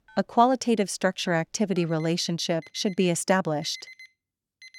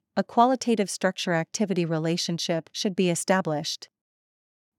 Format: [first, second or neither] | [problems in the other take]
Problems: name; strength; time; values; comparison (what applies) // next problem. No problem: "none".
second | alarms or sirens; faint; throughout; 25 dB below the speech